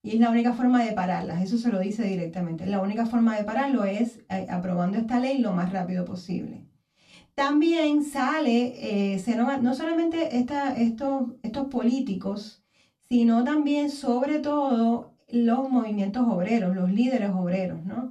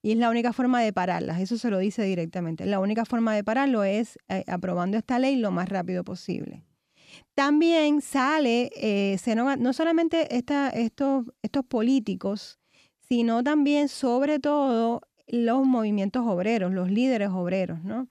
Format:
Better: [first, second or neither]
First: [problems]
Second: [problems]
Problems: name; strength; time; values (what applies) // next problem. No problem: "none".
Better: second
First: off-mic speech; far // room echo; very slight; dies away in 0.2 s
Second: none